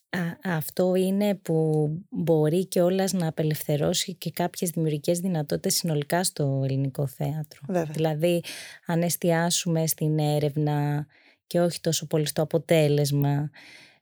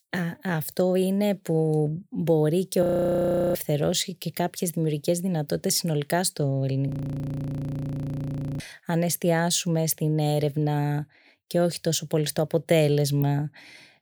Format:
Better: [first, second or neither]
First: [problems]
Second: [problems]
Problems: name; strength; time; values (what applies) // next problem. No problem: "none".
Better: first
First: none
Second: audio freezing; at 3 s for 0.5 s and at 7 s for 1.5 s